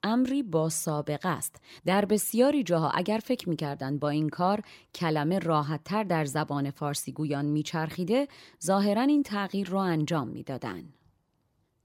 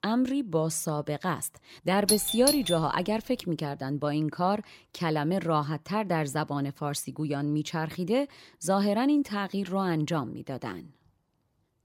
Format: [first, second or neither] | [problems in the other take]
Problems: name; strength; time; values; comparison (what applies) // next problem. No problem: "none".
first | doorbell; loud; at 2 s; peak 2 dB above the speech